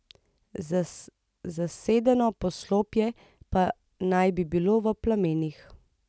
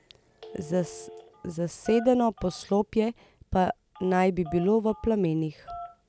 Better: first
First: none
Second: background sound (Telephone); 19 dB below the speech

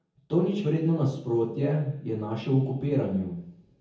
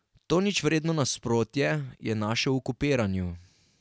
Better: second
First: room echo; dies away in 0.7 s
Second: none

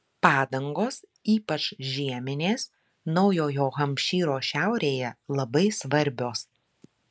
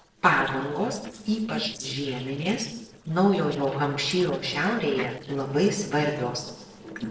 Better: first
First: none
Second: noise reduction (neural separator model SepFormer DNS4)

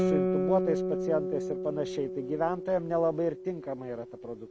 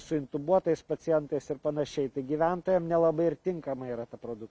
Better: second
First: background sound (Guitar); 1 dB below the speech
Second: none

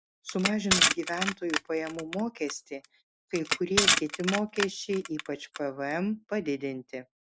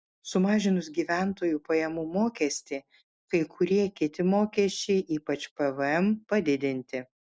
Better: second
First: background sound (Crushing); 1 dB above the speech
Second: none

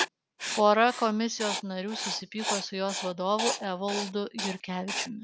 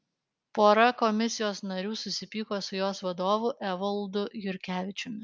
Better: second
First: background sound (Writing); 7 dB below the speech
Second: none

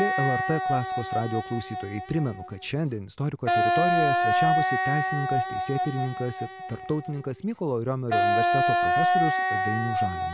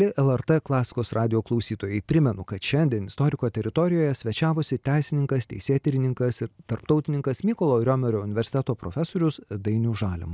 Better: second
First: background sound (Wind instrument, woodwind instrument); 4 dB above the speech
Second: none

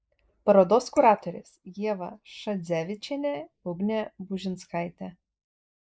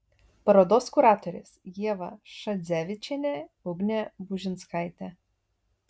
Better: second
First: noise reduction (neural mask model Resemble Enhance denoiser)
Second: none

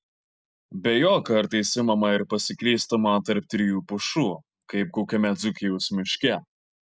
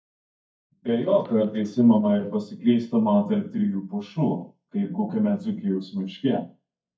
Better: first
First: none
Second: noise reduction (neural mask model DeepFilterNet 3)

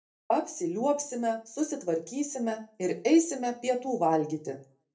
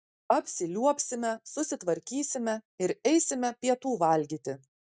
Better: second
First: room echo; dies away in 0.3 s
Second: none

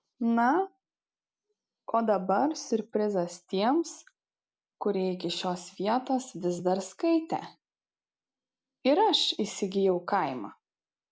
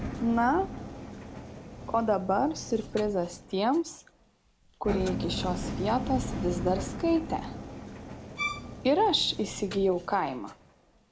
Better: first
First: none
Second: background sound (Engine + Bowed string instrument); 7 dB below the speech

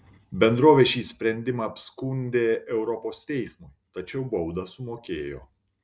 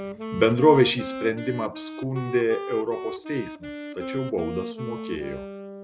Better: first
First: none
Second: background sound (Wind instrument, woodwind instrument); 9 dB below the speech

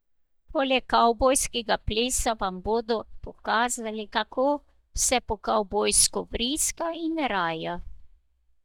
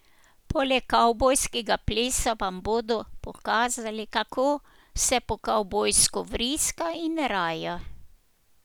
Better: second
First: noise reduction (neural mask model DeepFilterNet 3)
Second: none

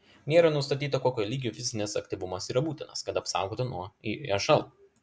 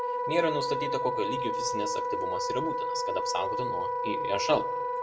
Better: first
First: none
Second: background sound (Wind instrument, woodwind instrument); 2 dB above the speech // room echo; dies away in 0.3 s

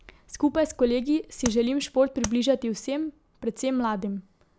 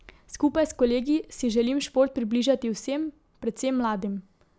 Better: second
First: background sound (Tap); 8 dB below the speech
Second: none

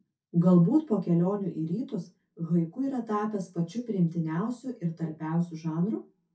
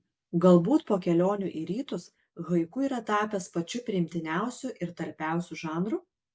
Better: second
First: room echo; dies away in 0.3 s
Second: none

